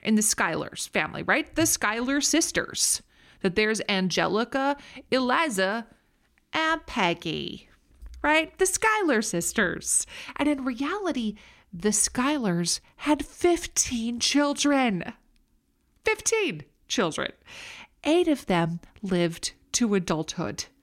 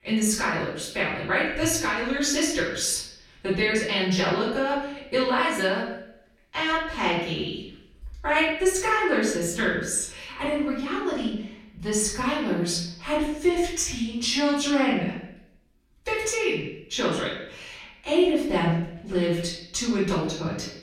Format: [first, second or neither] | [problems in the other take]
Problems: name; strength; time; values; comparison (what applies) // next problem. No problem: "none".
first | room echo; noticeable; dies away in 0.7 s // off-mic speech; far